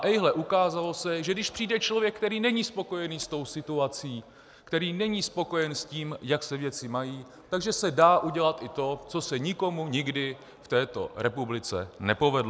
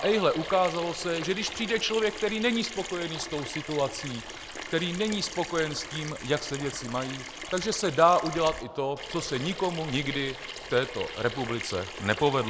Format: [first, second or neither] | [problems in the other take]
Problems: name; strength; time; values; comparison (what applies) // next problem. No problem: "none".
first | background sound (Sink (filling or washing) / Water tap, faucet); 11 dB below the speech